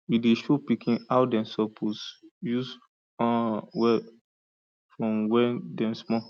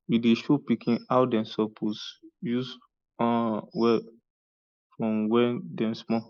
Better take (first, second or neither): first